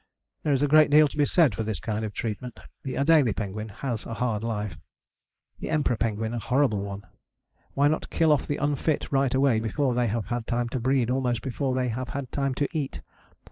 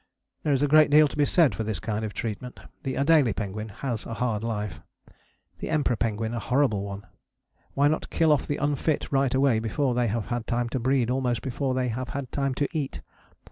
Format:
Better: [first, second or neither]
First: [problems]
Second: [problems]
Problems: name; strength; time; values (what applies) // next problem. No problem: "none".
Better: second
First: noise reduction (neural mask model Resemble Enhance denoiser)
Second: none